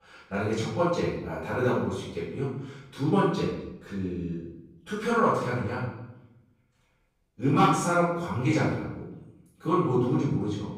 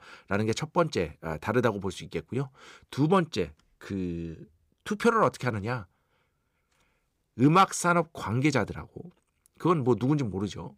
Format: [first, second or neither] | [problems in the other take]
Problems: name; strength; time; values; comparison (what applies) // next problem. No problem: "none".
second | off-mic speech; far // room echo; strong; dies away in 0.8 s